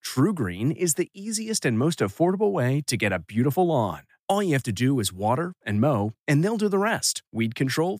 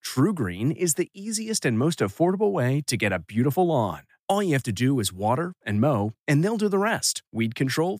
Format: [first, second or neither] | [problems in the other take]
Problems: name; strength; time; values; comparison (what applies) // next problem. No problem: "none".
neither | none